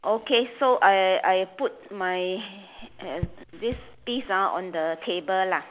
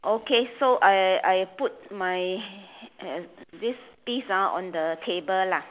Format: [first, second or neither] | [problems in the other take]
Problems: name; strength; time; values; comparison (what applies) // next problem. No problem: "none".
second | background sound (Raindrop / Drip); 13 dB below the speech